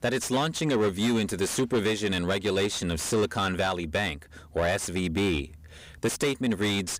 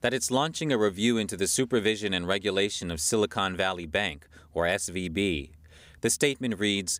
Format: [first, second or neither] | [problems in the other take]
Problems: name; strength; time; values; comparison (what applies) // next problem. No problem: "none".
second | distortion; heavy; 7 dB below the speech